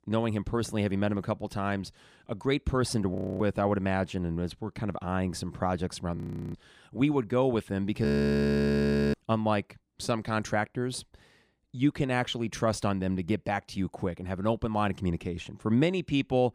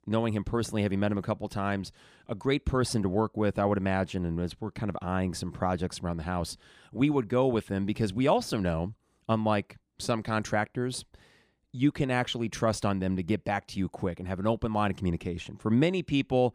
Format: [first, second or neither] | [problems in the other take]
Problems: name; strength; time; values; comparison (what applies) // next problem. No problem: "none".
second | audio freezing; at 3 s, at 6 s and at 8 s for 1 s